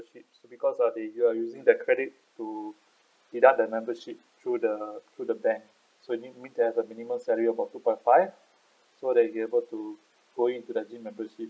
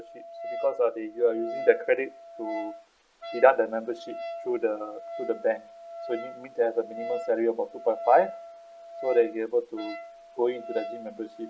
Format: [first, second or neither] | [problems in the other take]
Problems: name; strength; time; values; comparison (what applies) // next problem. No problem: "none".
first | background sound (Wind instrument, woodwind instrument); 11 dB below the speech